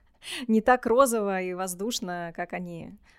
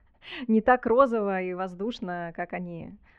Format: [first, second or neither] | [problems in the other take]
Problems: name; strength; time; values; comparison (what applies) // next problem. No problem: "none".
first | muffled; very; fading above 2.5 kHz